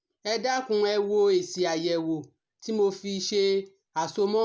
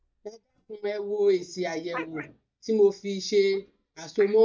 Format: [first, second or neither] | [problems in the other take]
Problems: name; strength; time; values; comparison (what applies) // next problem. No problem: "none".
first | noise reduction (neural mask model DeepFilterNet 3)